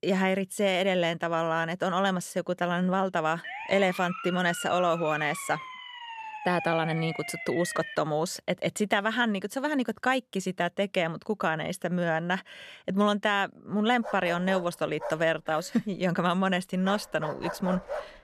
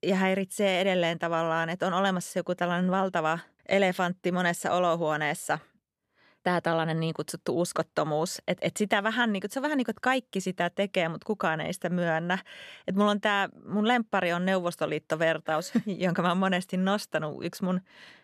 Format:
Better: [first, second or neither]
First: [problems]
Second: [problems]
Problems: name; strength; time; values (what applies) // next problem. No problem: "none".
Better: second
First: siren; noticeable; from 3.5 to 8 s; peak 8 dB below the speech // dog barking; noticeable; from 14 s on; peak 7 dB below the speech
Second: none